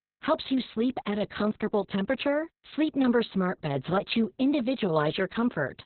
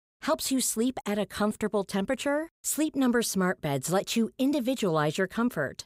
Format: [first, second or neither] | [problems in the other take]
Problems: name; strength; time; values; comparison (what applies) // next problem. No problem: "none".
second | garbled, watery; badly; nothing above 4 kHz